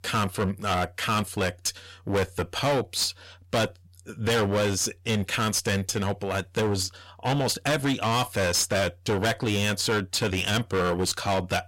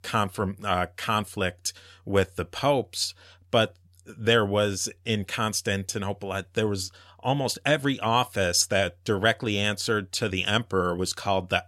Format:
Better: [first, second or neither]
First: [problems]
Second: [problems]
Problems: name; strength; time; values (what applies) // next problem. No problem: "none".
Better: second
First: distortion; heavy; 16% of the sound clipped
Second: none